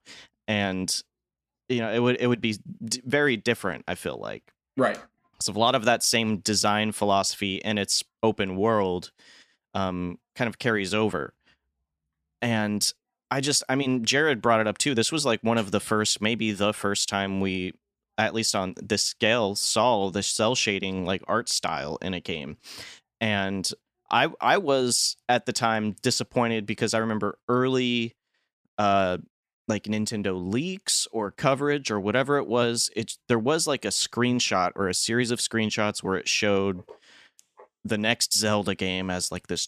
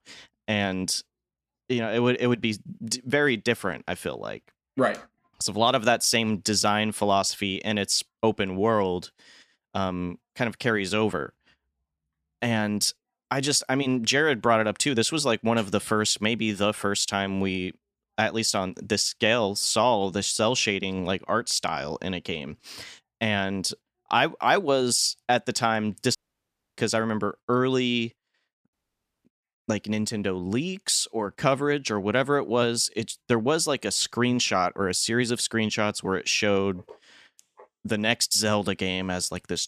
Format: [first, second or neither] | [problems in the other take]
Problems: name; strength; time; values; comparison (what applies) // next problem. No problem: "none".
first | audio cutting out; at 26 s for 0.5 s and at 29 s for 0.5 s